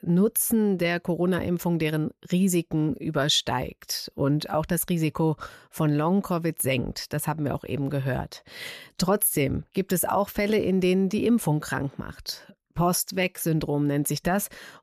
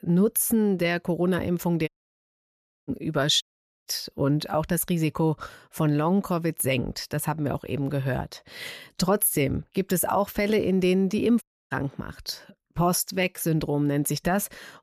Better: first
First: none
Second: audio cutting out; at 2 s for 1 s, at 3.5 s and at 11 s

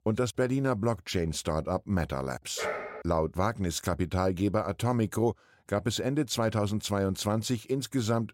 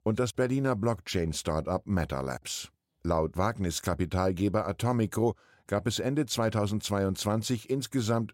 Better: second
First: dog barking; noticeable; at 2.5 s; peak 4 dB below the speech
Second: none

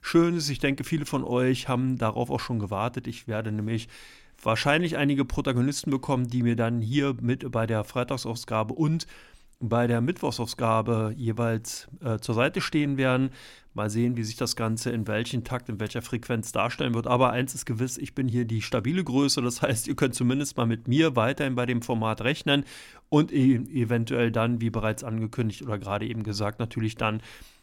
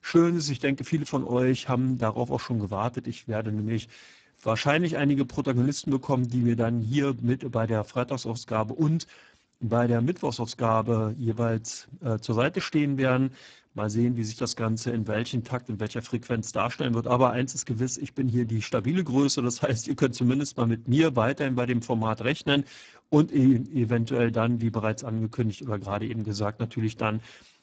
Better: first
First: none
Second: garbled, watery; badly; nothing above 7.5 kHz

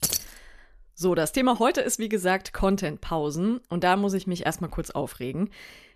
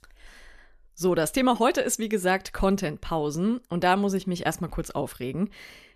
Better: second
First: jangling keys; loud; at the start; peak level with the speech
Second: none

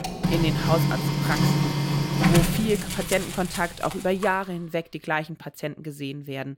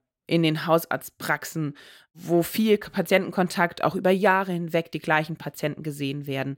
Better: second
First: household noises; very loud; until 4 s; 4 dB above the speech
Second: none

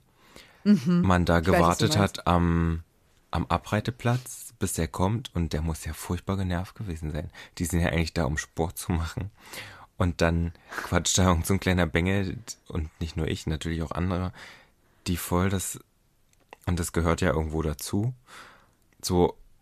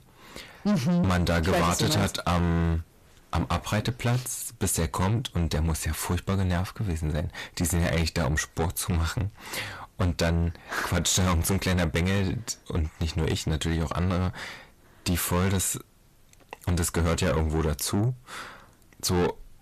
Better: first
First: none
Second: distortion; heavy; 6 dB below the speech

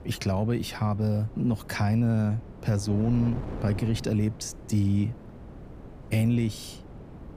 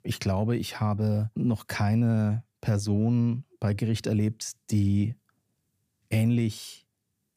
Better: second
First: wind noise on the microphone; occasional gusts; 15 dB below the speech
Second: none

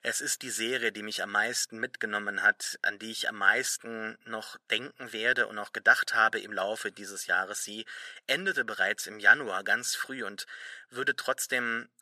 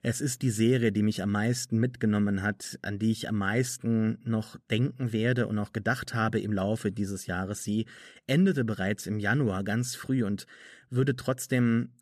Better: second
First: thin; very; fading below 750 Hz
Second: none

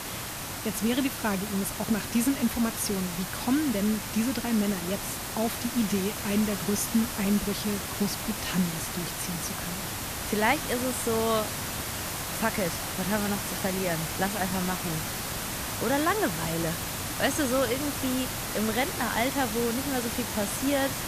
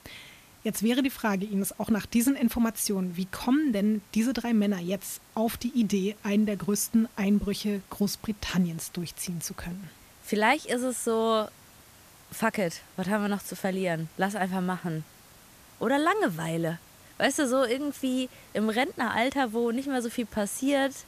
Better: second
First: hiss; loud; throughout; 3 dB below the speech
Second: hiss; faint; throughout; 25 dB below the speech

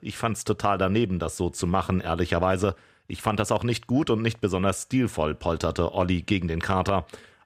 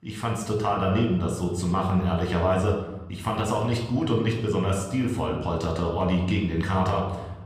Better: first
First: none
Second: off-mic speech; somewhat distant // room echo; noticeable; dies away in 1.1 s

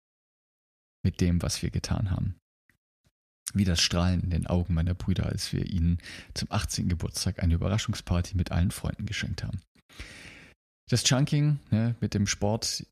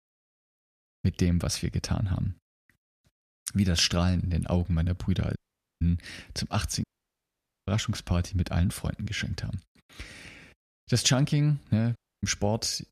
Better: first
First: none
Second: audio cutting out; at 5.5 s, at 7 s for 1 s and at 12 s

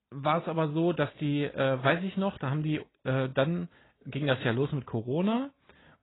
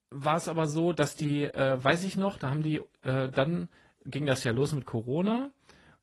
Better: second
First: garbled, watery; badly; nothing above 4 kHz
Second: garbled, watery; slightly; nothing above 12 kHz

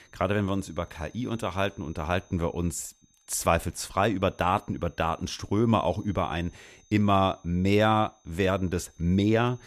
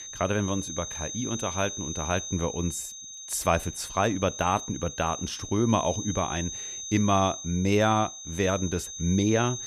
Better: first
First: high-pitched whine; faint; throughout; 6.5 kHz, 35 dB below the speech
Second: high-pitched whine; loud; throughout; 6.5 kHz, 8 dB below the speech

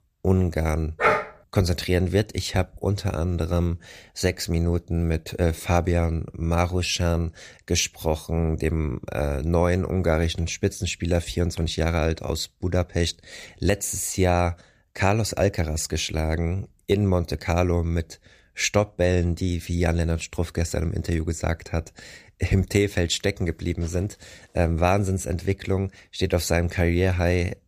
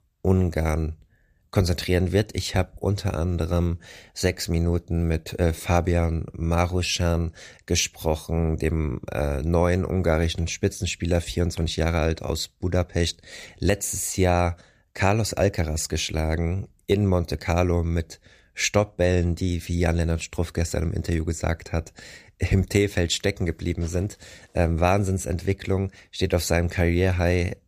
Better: second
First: dog barking; loud; at 1 s; peak 3 dB above the speech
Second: none

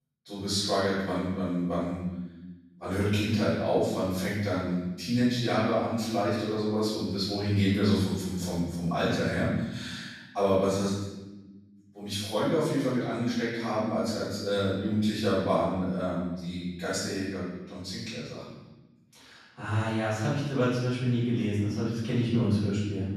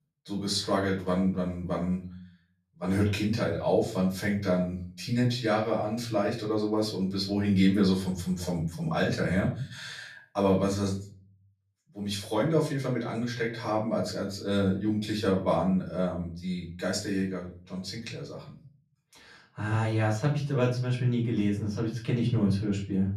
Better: second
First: room echo; strong; dies away in 1.1 s // off-mic speech; far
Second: room echo; slight; dies away in 0.5 s // off-mic speech; far

